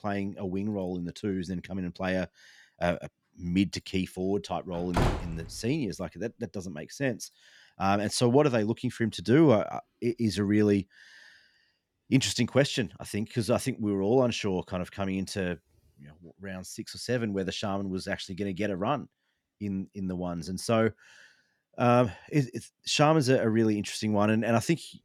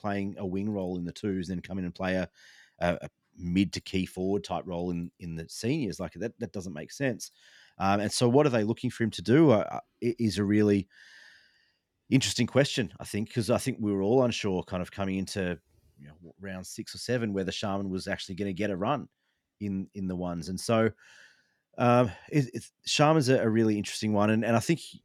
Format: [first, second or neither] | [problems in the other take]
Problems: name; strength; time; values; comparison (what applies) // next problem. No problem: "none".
second | door banging; noticeable; at 5 s; peak level with the speech